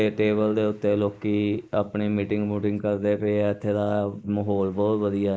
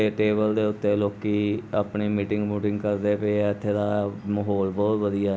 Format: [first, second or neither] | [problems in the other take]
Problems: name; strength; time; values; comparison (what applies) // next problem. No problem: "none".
second | noise reduction (neural mask model Resemble Enhance denoiser)